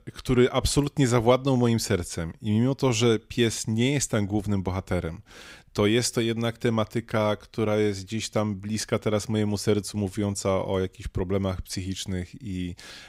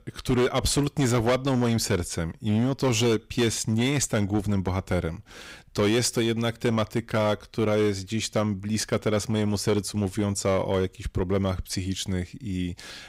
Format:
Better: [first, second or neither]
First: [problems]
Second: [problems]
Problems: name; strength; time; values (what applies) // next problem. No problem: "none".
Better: first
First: none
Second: distortion; slight; 9% of the sound clipped